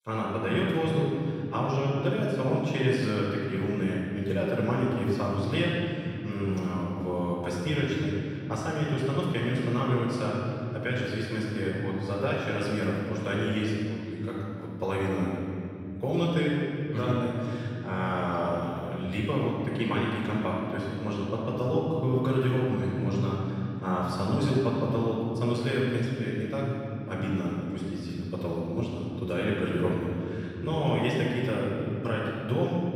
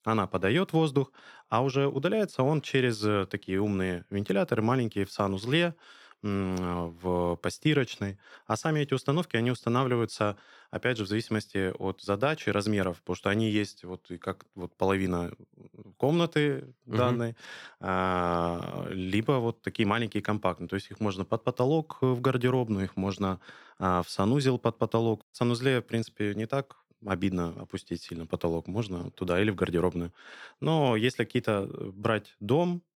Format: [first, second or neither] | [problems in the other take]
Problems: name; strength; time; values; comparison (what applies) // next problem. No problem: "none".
second | off-mic speech; far // room echo; strong; dies away in 3 s